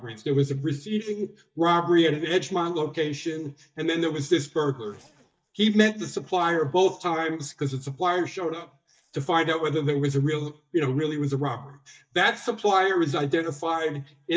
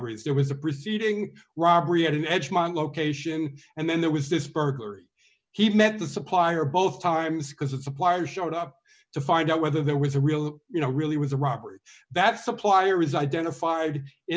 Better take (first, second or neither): second